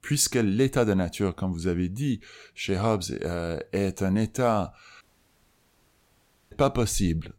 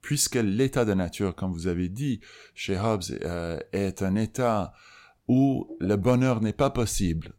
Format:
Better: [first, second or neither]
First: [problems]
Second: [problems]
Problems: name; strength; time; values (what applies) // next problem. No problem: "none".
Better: second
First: audio cutting out; at 5 s for 1.5 s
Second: none